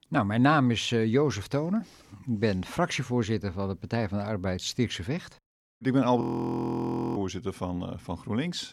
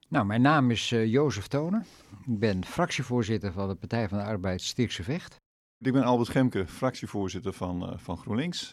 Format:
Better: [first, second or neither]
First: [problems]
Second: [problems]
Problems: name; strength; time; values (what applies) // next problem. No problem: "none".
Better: second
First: audio freezing; at 6 s for 1 s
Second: none